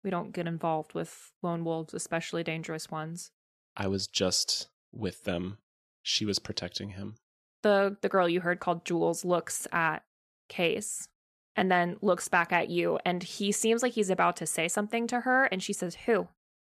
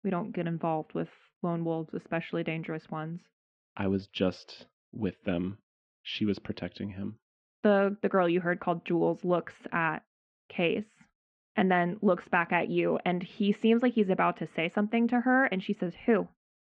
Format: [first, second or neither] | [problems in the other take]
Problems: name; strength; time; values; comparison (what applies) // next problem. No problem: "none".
first | muffled; very; fading above 3 kHz